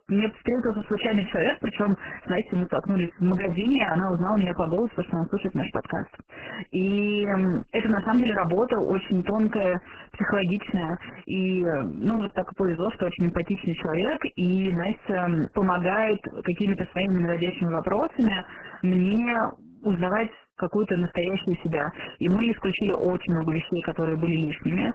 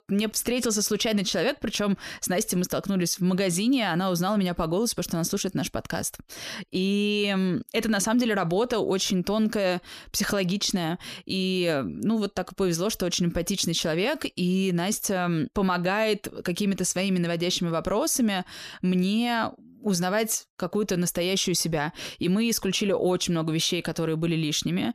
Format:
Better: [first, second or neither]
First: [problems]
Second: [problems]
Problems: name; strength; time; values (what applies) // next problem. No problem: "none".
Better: second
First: garbled, watery; badly; nothing above 3 kHz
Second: none